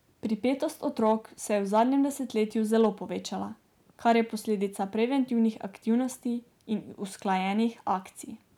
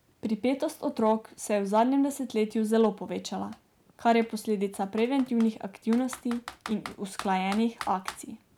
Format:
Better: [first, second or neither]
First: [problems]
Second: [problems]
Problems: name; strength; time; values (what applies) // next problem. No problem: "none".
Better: first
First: none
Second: background sound (Computer keyboard); 19 dB below the speech